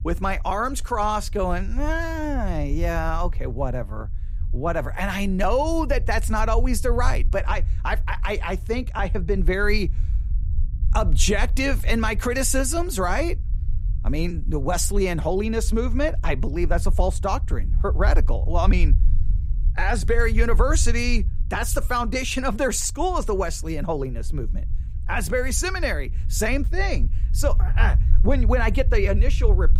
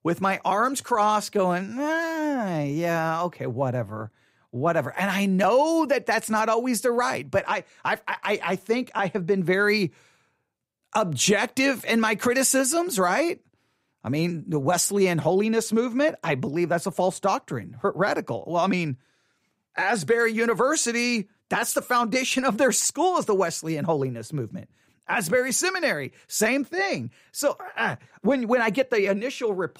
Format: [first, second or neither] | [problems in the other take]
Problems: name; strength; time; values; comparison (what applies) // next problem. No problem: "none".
second | low rumble; faint; throughout; 20 dB below the speech